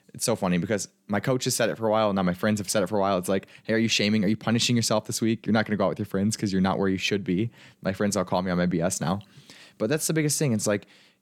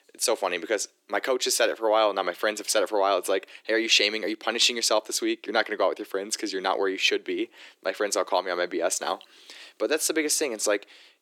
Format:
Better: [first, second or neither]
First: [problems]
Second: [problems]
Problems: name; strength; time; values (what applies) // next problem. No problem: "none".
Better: first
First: none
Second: thin; very; fading below 350 Hz